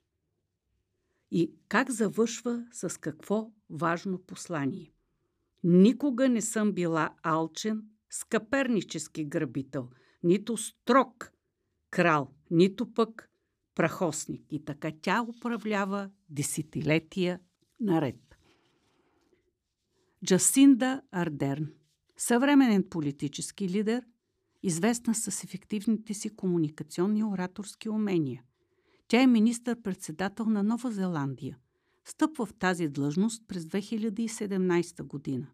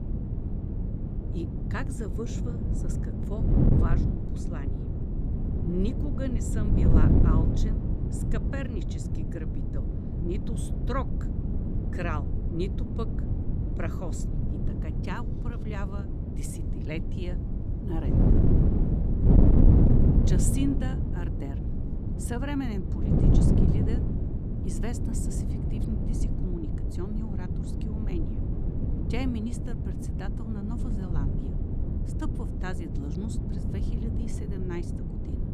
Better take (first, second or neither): first